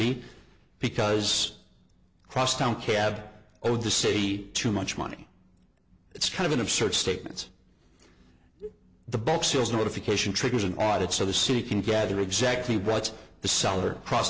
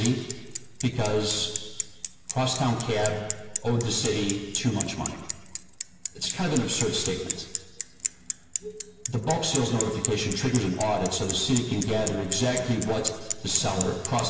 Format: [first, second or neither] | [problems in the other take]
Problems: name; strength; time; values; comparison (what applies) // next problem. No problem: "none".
first | background sound (Bicycle); 9 dB below the speech // room echo; dies away in 1.5 s